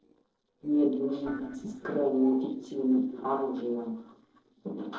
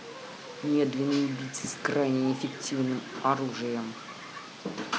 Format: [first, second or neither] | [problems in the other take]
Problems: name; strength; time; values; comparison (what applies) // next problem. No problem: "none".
second | noise reduction (neural separator model SepFormer DNS4)